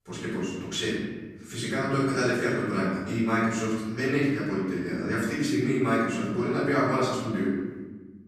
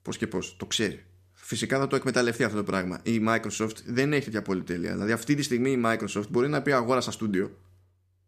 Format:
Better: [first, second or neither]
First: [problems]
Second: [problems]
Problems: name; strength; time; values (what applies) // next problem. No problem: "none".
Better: second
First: off-mic speech; far // room echo; strong; dies away in 1.3 s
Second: none